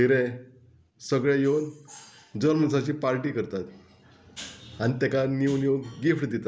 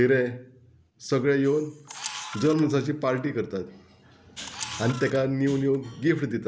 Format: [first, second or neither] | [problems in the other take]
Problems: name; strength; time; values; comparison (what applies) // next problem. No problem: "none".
first | background sound (Camera); 14 dB below the speech